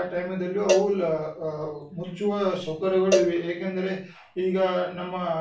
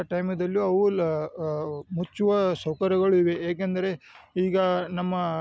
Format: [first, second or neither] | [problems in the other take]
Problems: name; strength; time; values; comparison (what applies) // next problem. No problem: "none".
second | background sound (Cowbell); 5 dB below the speech // room echo; dies away in 0.3 s